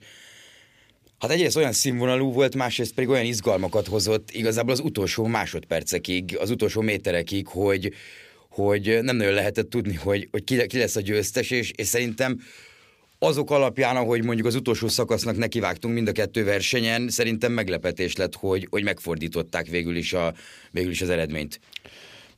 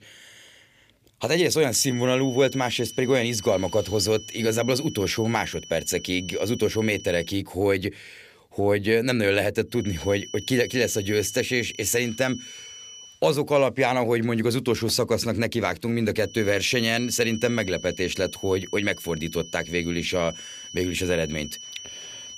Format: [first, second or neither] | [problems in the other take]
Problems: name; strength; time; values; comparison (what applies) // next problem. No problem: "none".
first | high-pitched whine; noticeable; from 2 to 7.5 s, from 10 to 13 s and from 16 s on; 3 kHz, 15 dB below the speech